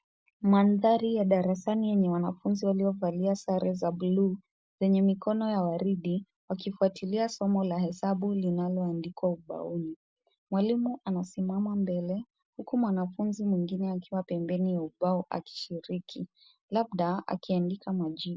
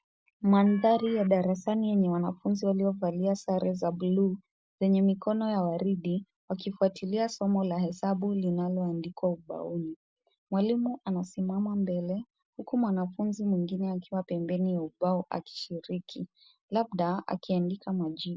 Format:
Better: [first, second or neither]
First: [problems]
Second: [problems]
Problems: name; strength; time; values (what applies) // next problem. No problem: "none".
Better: first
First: none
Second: background sound (Telephone); 20 dB below the speech